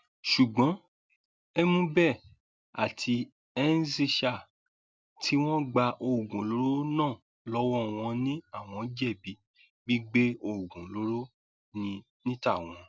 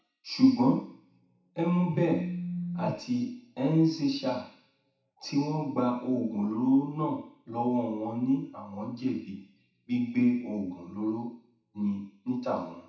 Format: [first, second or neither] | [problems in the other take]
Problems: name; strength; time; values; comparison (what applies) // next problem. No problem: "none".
first | background sound (Telephone); 4 dB below the speech // room echo; dies away in 0.7 s